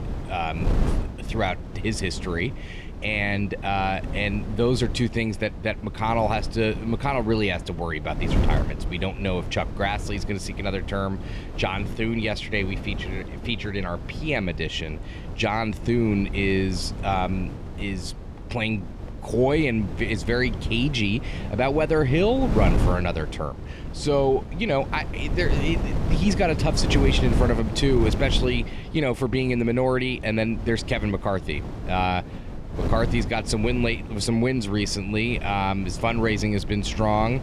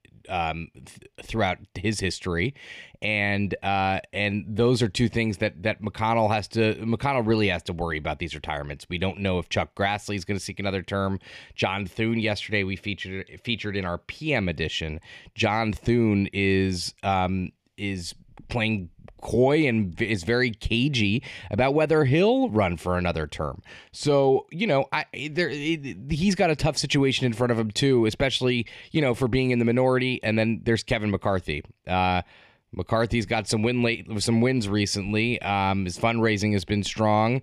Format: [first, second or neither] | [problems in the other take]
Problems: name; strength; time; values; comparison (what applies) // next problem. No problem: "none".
second | wind noise on the microphone; occasional gusts; 10 dB below the speech